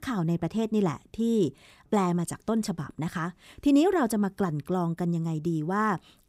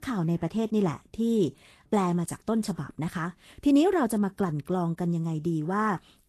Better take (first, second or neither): first